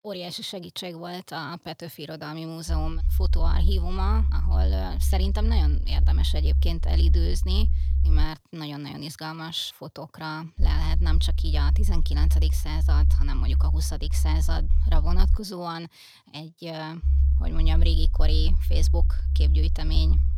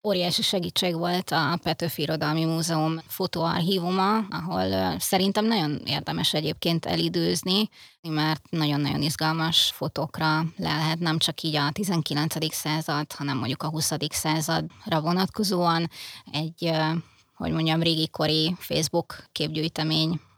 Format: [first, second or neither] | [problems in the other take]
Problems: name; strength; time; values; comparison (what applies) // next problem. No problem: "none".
second | low rumble; loud; from 2.5 to 8 s, from 11 to 15 s and from 17 s on; 9 dB below the speech